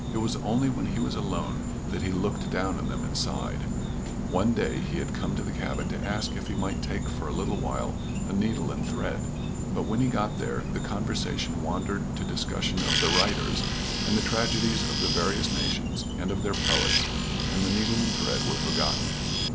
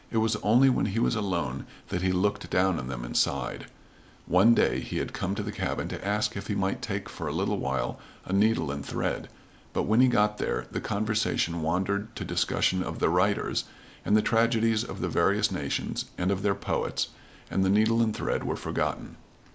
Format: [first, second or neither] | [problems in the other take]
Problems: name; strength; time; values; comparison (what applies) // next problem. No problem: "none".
second | background sound (Tools + Insect); 2 dB above the speech